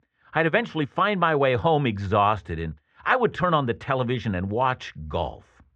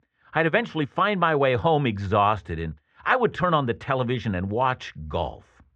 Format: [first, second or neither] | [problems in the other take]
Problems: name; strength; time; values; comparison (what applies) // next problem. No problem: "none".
neither | muffled; very; fading above 2 kHz; the same in both